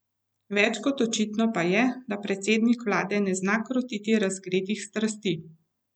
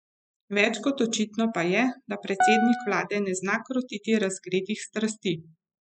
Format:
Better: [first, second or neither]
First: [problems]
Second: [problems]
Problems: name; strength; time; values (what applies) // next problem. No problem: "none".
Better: first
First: none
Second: noise reduction (classical method spectral subtraction)